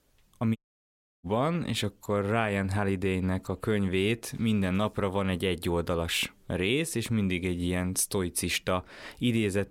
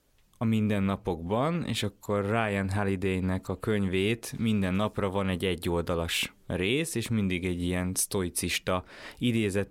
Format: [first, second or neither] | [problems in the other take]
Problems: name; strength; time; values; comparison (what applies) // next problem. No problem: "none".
second | audio cutting out; at 0.5 s for 0.5 s